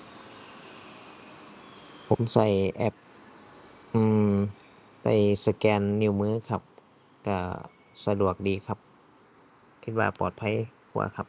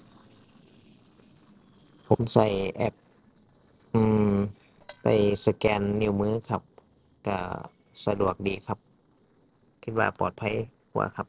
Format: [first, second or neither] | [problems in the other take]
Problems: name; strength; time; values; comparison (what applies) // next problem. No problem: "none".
first | noise reduction (neural separator model SepFormer DNS4)